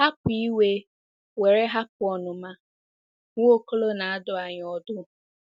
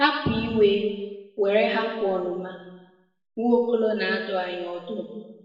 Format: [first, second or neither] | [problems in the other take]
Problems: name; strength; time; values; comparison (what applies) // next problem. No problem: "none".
first | room echo; dies away in 1.1 s